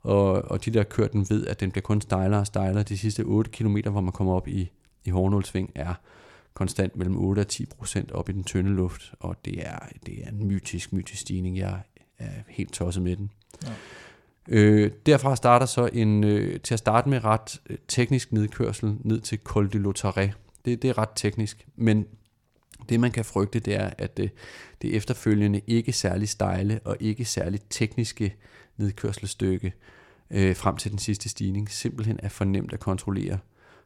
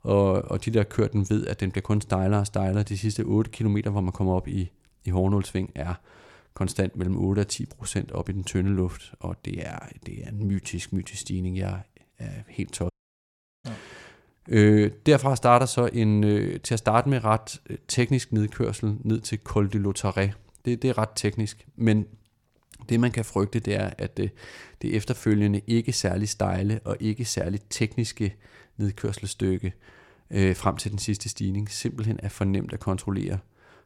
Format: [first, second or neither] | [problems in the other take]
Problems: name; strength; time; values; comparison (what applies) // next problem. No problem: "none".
first | audio cutting out; at 13 s for 0.5 s